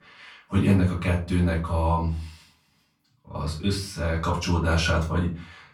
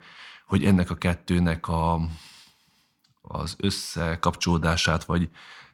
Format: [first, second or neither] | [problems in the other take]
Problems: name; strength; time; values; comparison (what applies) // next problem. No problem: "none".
second | off-mic speech; far // room echo; slight; dies away in 0.3 s